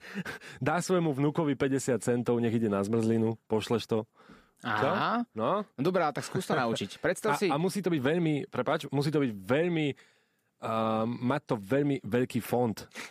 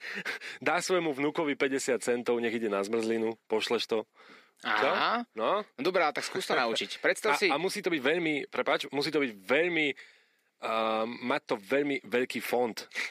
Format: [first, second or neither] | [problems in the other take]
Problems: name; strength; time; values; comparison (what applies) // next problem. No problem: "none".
first | thin; very slightly; fading below 350 Hz